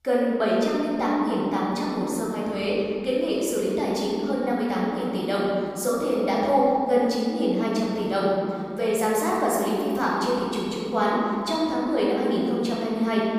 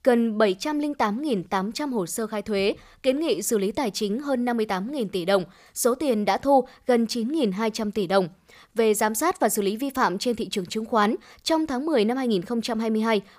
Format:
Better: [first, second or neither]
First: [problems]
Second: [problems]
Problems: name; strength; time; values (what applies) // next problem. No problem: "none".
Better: second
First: room echo; strong; dies away in 2.5 s // off-mic speech; far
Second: none